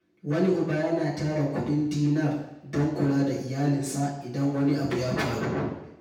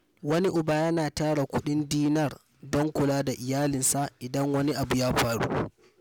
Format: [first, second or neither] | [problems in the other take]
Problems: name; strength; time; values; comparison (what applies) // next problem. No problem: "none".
second | room echo; dies away in 0.8 s